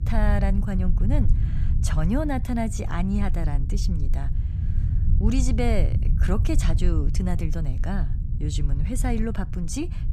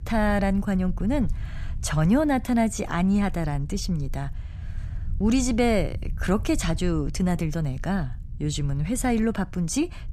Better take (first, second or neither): second